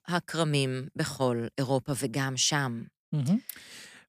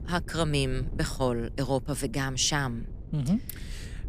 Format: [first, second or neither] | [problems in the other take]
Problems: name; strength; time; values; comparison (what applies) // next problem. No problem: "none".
first | wind noise on the microphone; occasional gusts; 20 dB below the speech